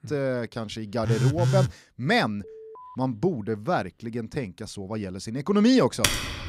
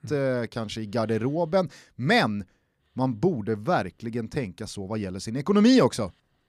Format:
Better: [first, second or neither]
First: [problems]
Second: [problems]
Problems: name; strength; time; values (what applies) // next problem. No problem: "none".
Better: second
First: phone ringing; loud; at 1 s; peak 3 dB above the speech // alarm; faint; at 2.5 s; peak 15 dB below the speech // keyboard typing; loud; at 6 s; peak 3 dB above the speech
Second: none